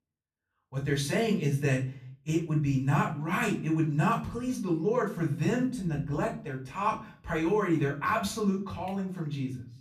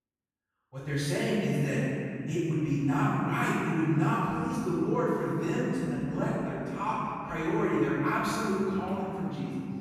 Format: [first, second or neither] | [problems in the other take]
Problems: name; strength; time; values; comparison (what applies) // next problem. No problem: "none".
first | room echo; strong; dies away in 2.9 s; slight in the first // off-mic speech; far; far in the first